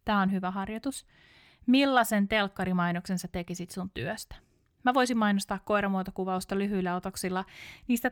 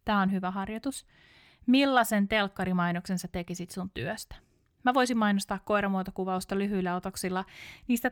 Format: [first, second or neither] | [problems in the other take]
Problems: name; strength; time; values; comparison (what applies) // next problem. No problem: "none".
neither | none